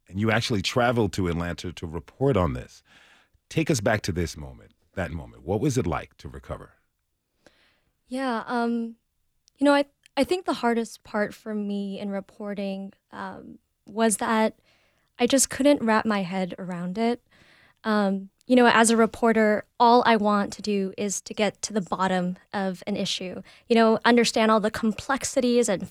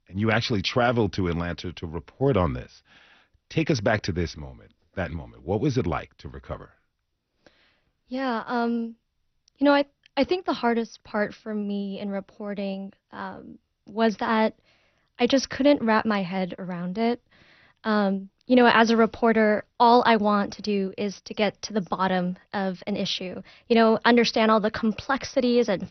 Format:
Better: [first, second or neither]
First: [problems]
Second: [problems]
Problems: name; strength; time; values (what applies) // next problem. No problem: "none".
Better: first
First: none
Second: garbled, watery; slightly; nothing above 6 kHz